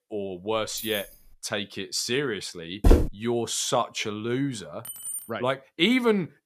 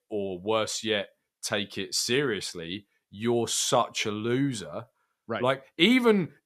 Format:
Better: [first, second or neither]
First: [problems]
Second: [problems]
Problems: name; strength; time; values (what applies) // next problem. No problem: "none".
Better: second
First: jangling keys; noticeable; at 0.5 s and at 5 s; peak 5 dB below the speech // footsteps; loud; at 3 s; peak 6 dB above the speech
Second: none